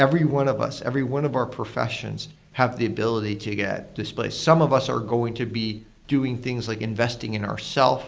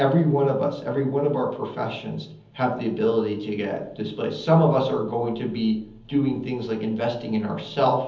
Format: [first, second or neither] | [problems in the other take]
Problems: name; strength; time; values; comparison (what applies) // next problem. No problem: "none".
first | room echo; dies away in 0.7 s